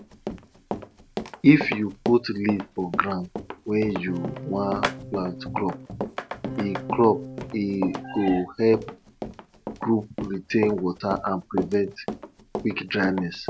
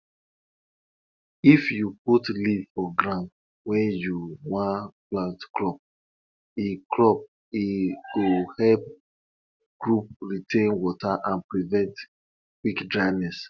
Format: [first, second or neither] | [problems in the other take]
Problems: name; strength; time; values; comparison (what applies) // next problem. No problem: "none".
second | background sound (Electric guitar / Strum + Run); 9 dB below the speech